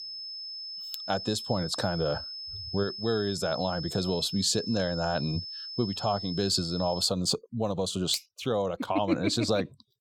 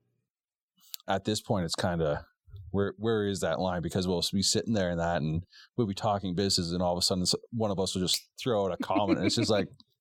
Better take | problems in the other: second | high-pitched whine; loud; until 7 s; 5 kHz, 7 dB below the speech

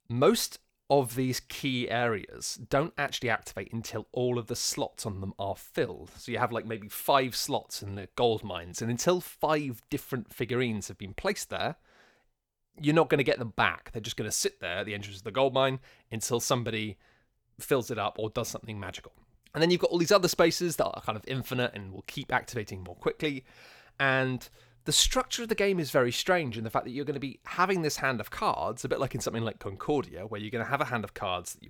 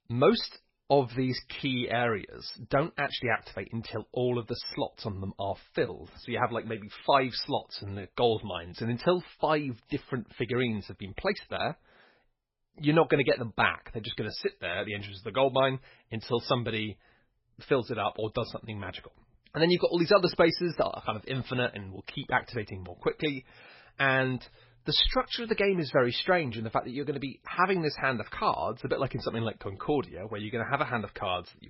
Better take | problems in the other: first | garbled, watery; badly; nothing above 5.5 kHz

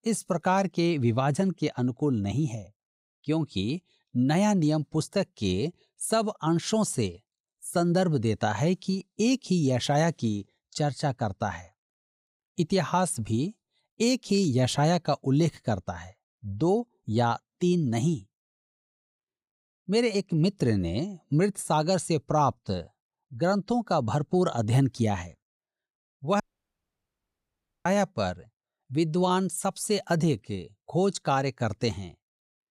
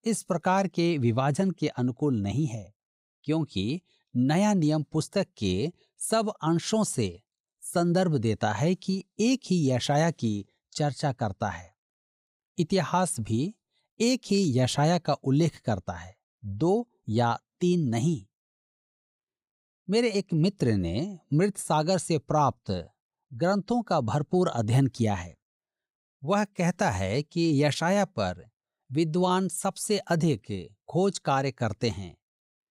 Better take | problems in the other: second | audio cutting out; at 26 s for 1.5 s

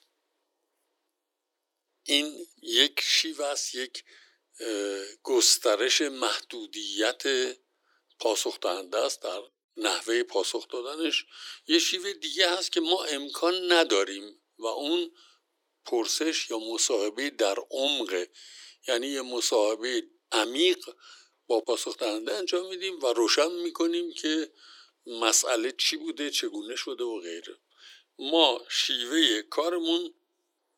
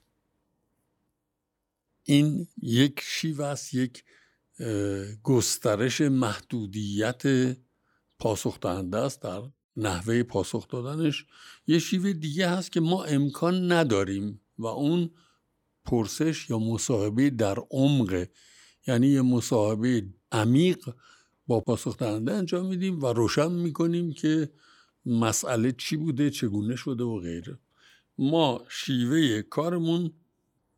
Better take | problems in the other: second | thin; very; fading below 350 Hz

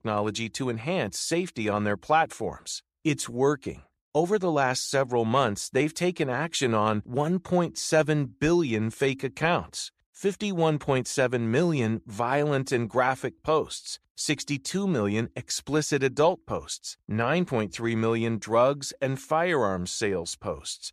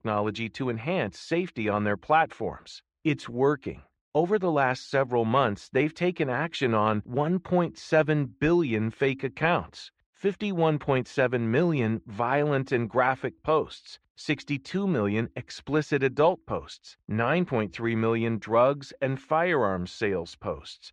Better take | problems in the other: first | muffled; slightly; fading above 2.5 kHz

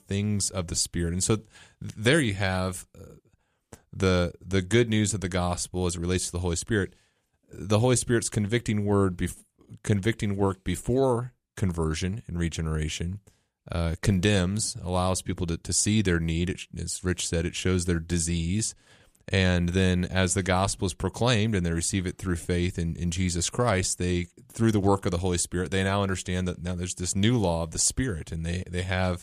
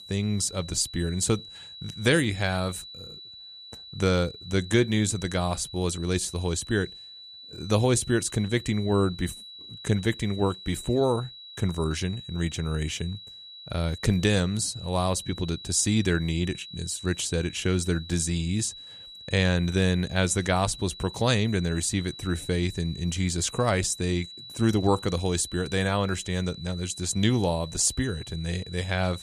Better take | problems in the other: first | high-pitched whine; noticeable; throughout; 4 kHz, 15 dB below the speech

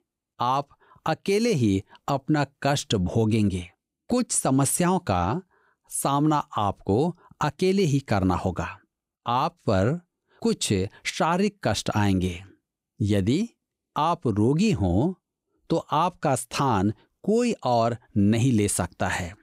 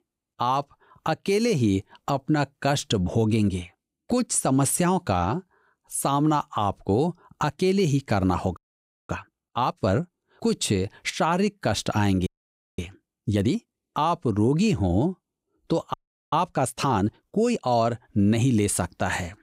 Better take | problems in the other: first | audio freezing; at 8.5 s for 0.5 s, at 12 s for 0.5 s and at 16 s

